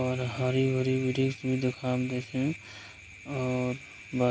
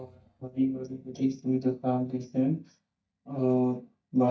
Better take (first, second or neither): first